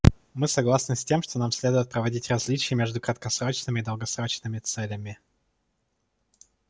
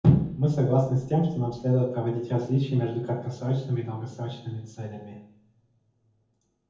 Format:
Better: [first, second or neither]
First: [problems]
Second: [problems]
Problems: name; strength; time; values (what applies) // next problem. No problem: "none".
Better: first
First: none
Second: room echo; dies away in 0.7 s